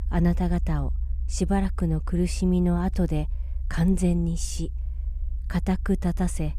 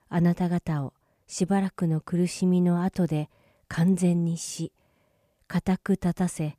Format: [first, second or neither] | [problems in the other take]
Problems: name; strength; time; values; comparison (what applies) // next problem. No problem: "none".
second | low rumble; faint; throughout; 20 dB below the speech